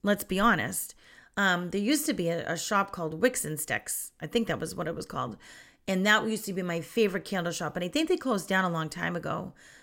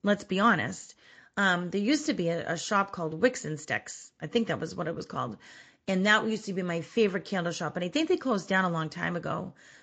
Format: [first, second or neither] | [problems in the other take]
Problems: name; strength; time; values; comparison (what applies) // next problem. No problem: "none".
first | garbled, watery; slightly; nothing above 7.5 kHz